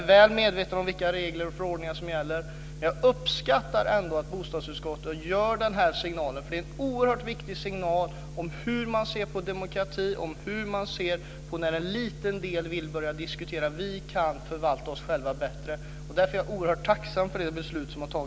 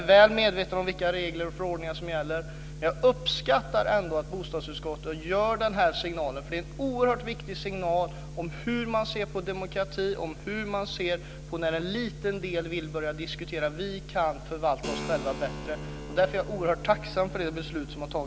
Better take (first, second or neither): first